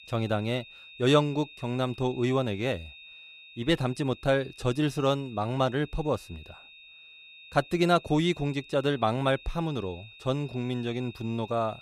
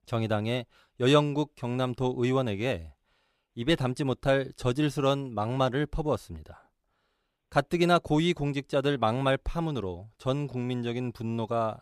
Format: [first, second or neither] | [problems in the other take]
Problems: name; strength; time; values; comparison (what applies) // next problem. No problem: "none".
second | high-pitched whine; noticeable; throughout; 3.5 kHz, 20 dB below the speech